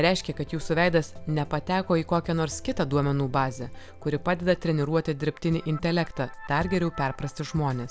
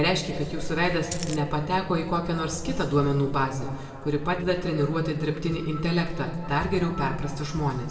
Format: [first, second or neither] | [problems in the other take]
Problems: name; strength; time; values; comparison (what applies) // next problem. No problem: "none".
first | background sound (Coin (dropping)); 9 dB below the speech // room echo; dies away in 1.8 s